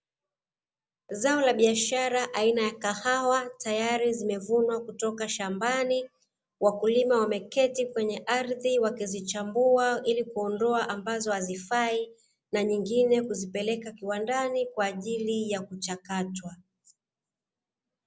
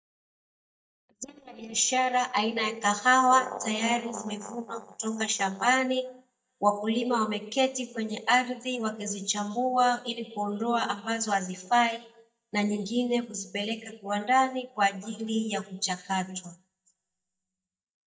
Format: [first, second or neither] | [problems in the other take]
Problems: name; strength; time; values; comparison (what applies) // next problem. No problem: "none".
first | noise reduction (neural mask model DeepFilterNet 3)